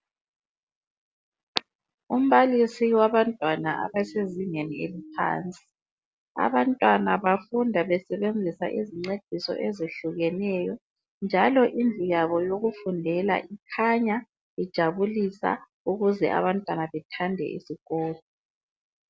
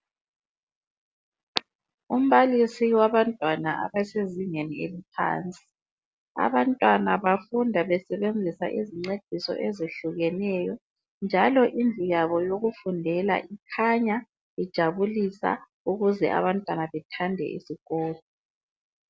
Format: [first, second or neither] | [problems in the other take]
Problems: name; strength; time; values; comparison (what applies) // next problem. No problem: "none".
second | background sound (Siren); 18 dB below the speech